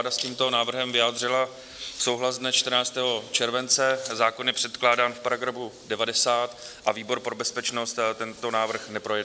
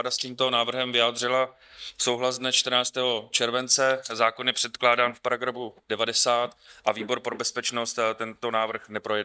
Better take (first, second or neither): first